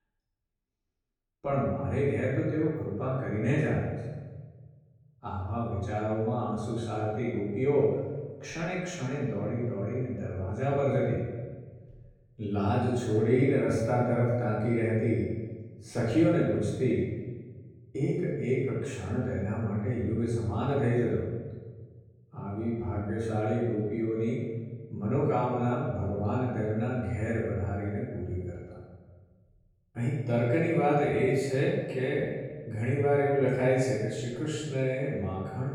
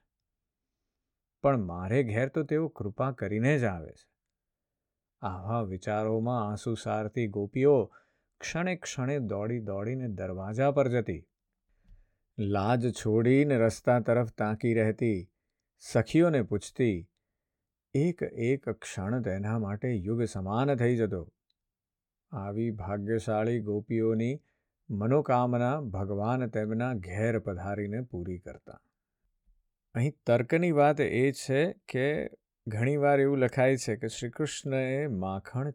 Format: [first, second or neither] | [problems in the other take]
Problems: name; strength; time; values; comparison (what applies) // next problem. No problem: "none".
second | off-mic speech; far // room echo; strong; dies away in 1.3 s